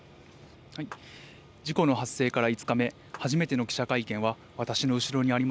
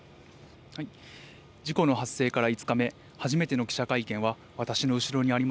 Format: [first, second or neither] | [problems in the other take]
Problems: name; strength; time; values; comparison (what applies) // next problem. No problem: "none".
second | background sound (Clapping); 19 dB below the speech